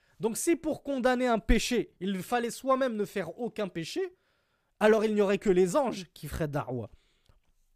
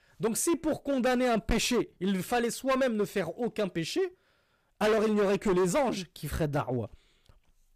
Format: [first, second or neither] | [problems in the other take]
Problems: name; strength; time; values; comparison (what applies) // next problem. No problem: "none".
first | distortion; heavy; 11% of the sound clipped